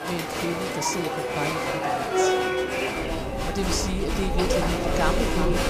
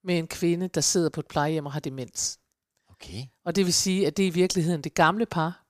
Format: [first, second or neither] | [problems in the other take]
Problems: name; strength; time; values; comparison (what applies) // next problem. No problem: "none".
second | crowd noise; very loud; throughout; 5 dB above the speech